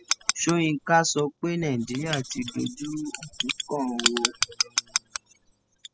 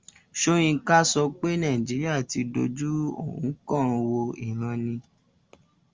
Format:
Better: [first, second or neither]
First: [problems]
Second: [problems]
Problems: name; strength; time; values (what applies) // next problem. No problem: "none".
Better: second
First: noise reduction (classical method spectral subtraction)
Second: none